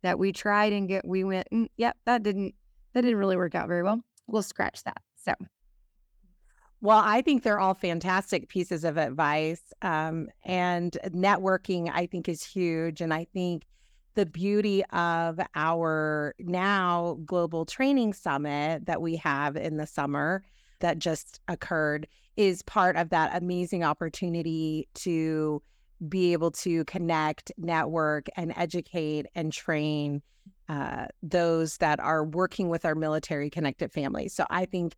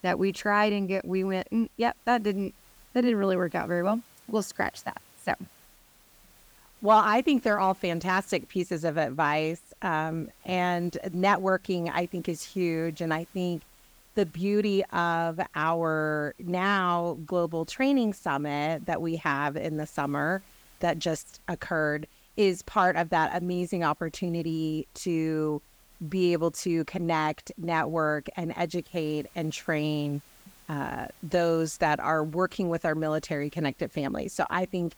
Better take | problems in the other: first | hiss; faint; throughout; 25 dB below the speech

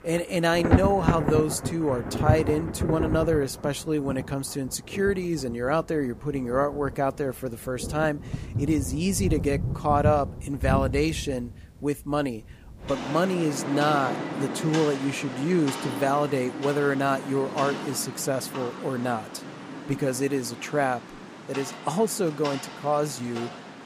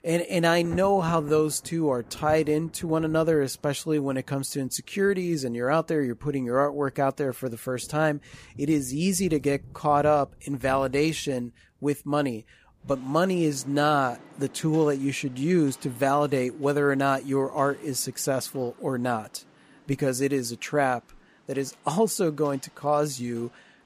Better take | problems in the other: second | rain or running water; loud; throughout; 5 dB below the speech; faint in the second

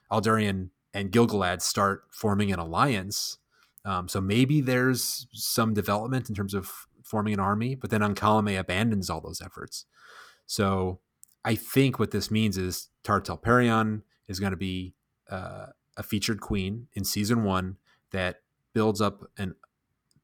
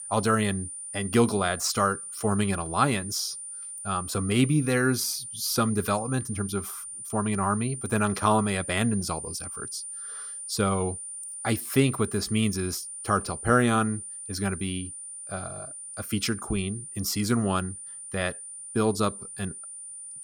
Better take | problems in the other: first | high-pitched whine; loud; throughout; 9 kHz, 9 dB below the speech

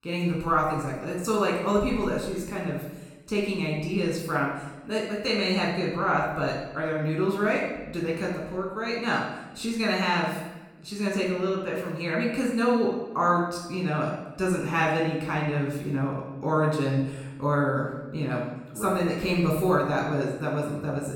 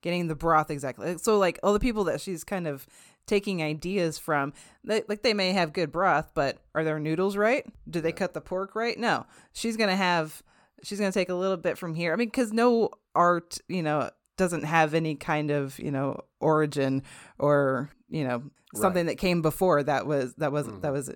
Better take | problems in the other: second | off-mic speech; far // room echo; noticeable; dies away in 0.9 s

